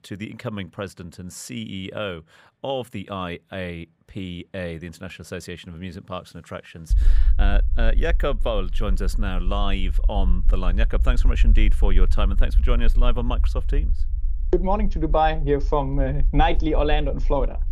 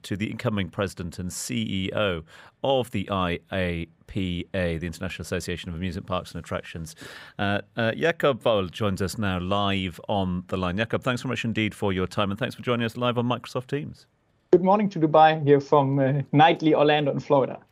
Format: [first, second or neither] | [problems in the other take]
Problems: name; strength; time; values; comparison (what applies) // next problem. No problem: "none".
second | low rumble; faint; from 7 s on; 20 dB below the speech